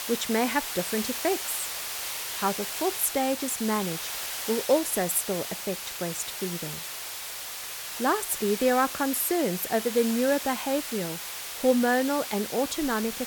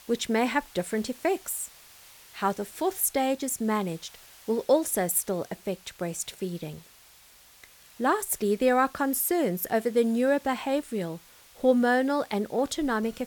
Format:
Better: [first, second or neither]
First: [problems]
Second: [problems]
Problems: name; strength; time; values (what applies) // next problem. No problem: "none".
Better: second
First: hiss; loud; throughout; 5 dB below the speech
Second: hiss; faint; throughout; 25 dB below the speech